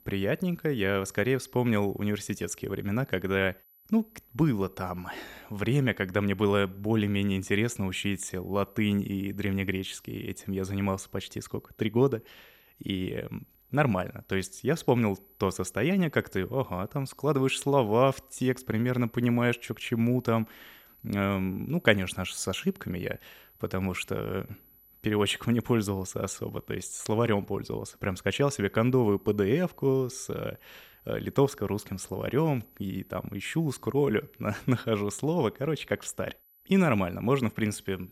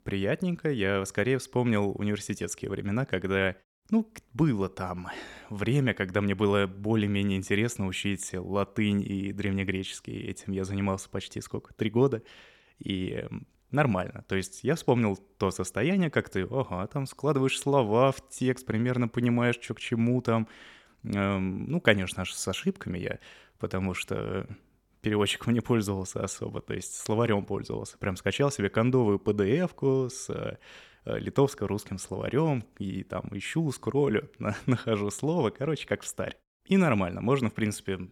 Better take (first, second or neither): second